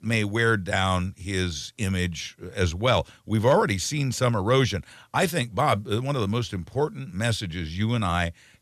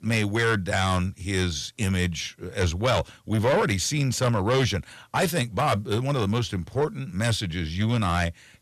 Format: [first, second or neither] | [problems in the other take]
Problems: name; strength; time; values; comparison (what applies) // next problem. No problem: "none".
first | distortion; slight; 10 dB below the speech